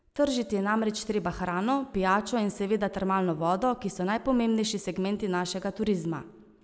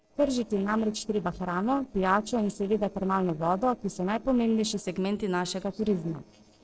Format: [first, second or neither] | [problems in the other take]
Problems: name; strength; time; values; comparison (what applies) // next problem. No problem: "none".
first | noise reduction (neural separator model SepFormer DNS4)